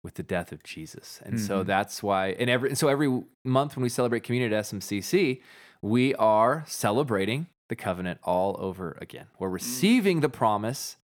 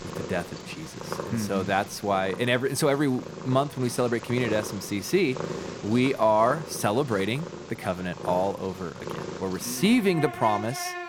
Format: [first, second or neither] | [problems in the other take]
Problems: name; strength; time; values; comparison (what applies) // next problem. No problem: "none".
first | animal sounds; noticeable; throughout; 10 dB below the speech